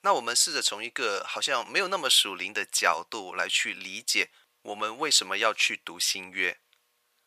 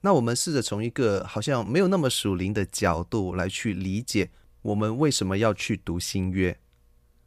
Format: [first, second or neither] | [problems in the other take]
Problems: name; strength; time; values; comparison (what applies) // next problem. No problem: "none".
second | thin; very; fading below 900 Hz